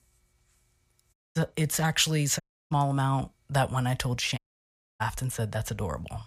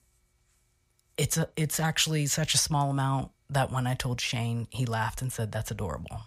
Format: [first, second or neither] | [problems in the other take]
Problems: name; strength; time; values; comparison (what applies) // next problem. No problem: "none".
second | audio cutting out; at 1 s, at 2.5 s and at 4.5 s for 0.5 s